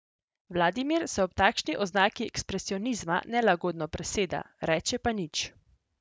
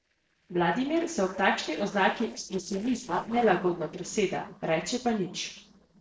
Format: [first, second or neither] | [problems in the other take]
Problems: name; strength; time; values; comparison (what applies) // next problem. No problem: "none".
first | noise reduction (neural separator model SepFormer DNS4)